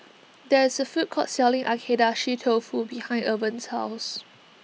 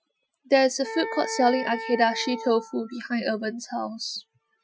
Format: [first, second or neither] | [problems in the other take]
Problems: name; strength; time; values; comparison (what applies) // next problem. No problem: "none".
first | noise reduction (classical method Wiener filter)